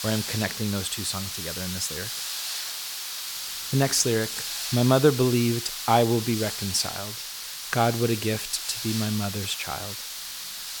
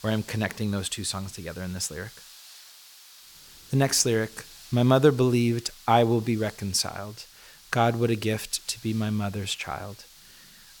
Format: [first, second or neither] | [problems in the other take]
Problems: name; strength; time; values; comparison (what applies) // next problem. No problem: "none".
second | hiss; loud; throughout; 5 dB below the speech; faint in the second